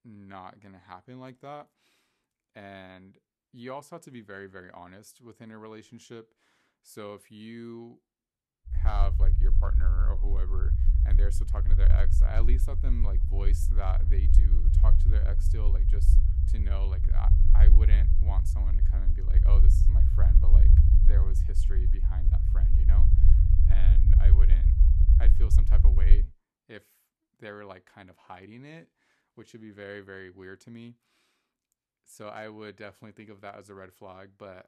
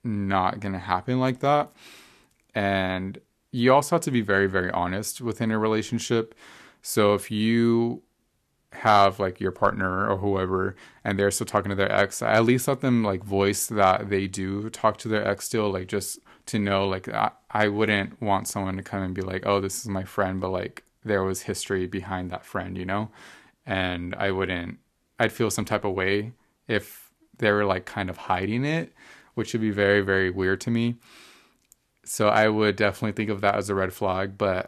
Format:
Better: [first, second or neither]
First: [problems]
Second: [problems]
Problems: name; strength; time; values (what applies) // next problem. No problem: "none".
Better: second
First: low rumble; loud; from 9 to 26 s; 1 dB below the speech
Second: none